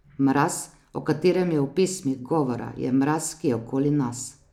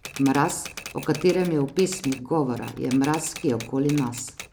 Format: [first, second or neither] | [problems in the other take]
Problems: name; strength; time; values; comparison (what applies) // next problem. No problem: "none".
first | background sound (Typewriter); 15 dB below the speech